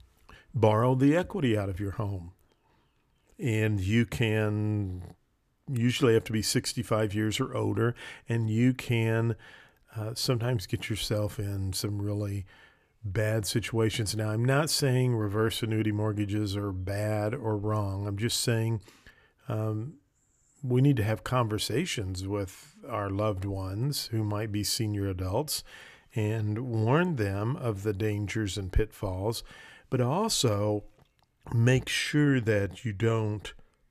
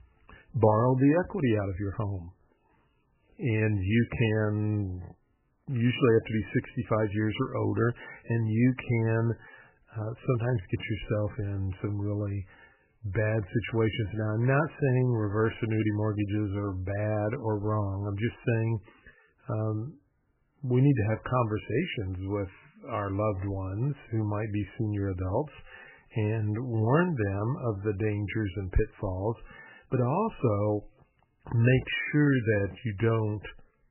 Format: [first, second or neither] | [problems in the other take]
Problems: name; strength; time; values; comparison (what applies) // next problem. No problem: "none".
first | garbled, watery; badly; nothing above 3 kHz